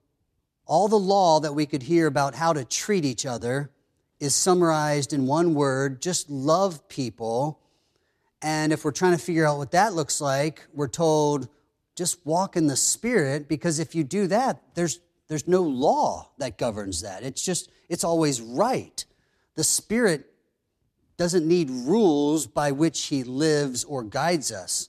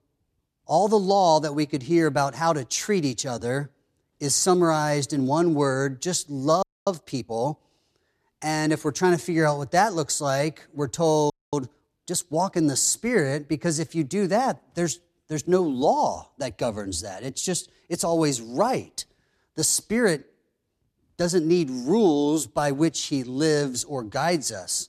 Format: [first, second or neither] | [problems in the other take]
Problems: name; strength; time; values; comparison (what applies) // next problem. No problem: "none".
first | audio freezing; at 6.5 s and at 11 s